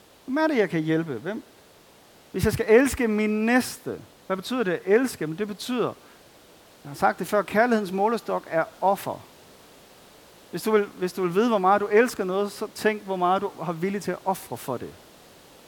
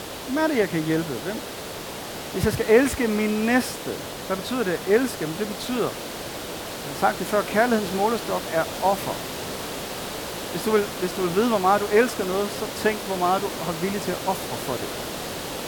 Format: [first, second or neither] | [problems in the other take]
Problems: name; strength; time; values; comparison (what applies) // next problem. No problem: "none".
first | hiss; loud; throughout; 8 dB below the speech; faint in the first